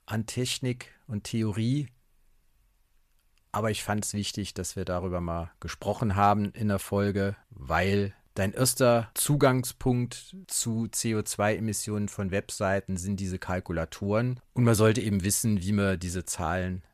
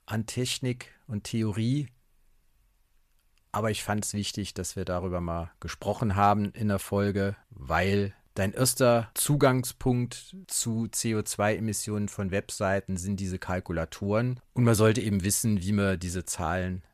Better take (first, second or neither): neither